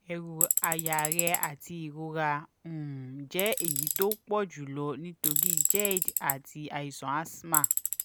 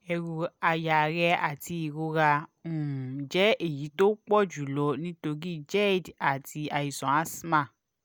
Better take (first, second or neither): second